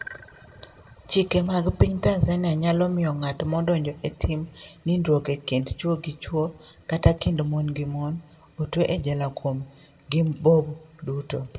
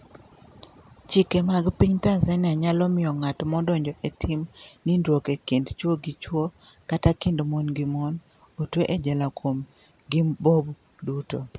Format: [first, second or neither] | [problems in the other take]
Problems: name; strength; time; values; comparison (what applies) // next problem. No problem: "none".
second | room echo; dies away in 0.7 s